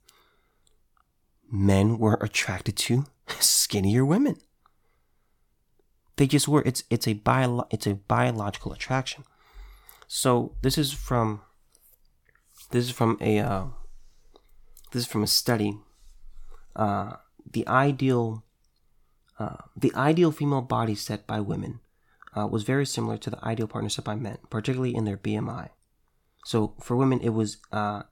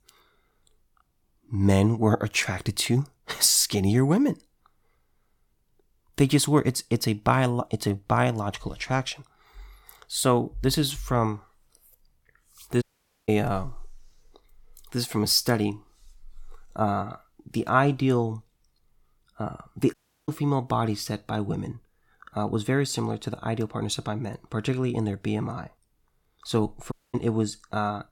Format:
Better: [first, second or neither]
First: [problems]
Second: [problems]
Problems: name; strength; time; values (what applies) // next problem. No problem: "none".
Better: first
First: none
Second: audio cutting out; at 13 s, at 20 s and at 27 s